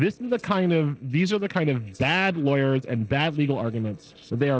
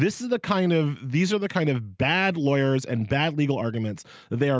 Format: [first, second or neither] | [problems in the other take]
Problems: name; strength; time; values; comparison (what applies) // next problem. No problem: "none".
second | noise reduction (neural separator model SepFormer DNS4)